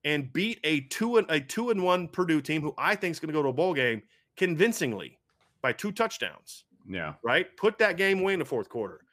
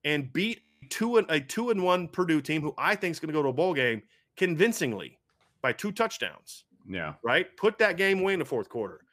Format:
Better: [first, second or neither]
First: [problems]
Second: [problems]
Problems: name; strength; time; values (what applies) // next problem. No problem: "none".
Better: first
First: none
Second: audio freezing; at 0.5 s